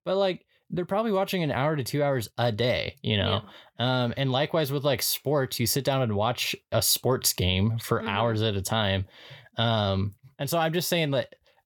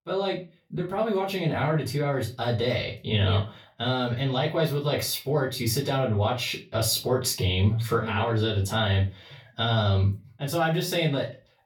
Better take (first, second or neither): first